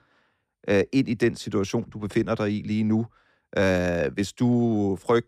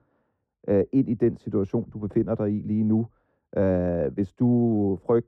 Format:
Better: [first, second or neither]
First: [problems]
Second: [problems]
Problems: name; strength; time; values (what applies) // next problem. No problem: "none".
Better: first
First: none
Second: muffled; very; fading above 1.5 kHz